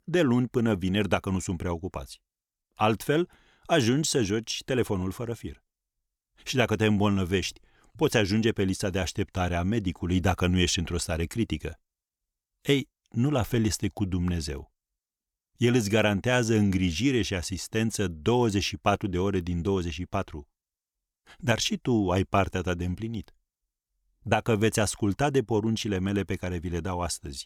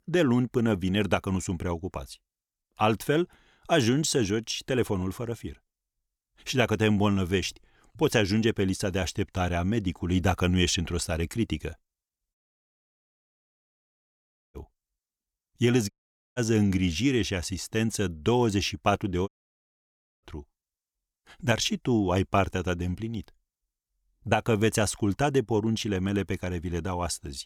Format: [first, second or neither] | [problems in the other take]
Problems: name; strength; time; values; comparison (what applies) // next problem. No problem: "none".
first | audio cutting out; at 12 s for 2 s, at 16 s and at 19 s for 1 s